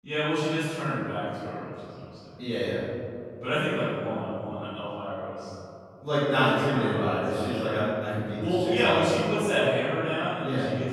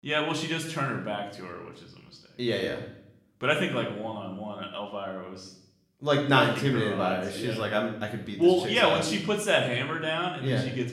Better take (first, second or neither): second